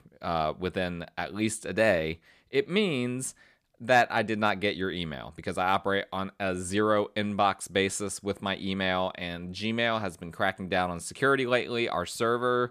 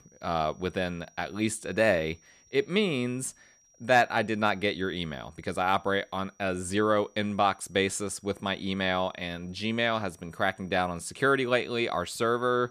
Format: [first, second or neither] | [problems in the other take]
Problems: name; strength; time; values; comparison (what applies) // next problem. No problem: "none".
first | high-pitched whine; faint; throughout; 6 kHz, 30 dB below the speech